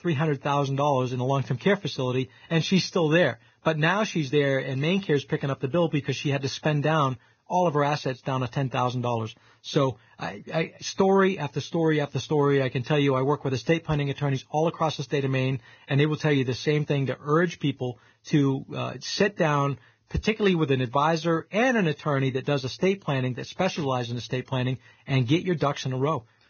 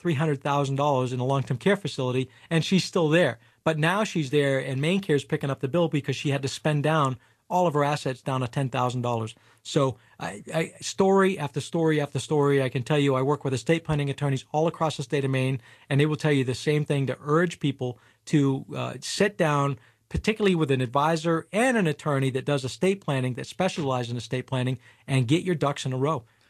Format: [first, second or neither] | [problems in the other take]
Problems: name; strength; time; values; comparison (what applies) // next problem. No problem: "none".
second | garbled, watery; badly; nothing above 6.5 kHz; slightly in the second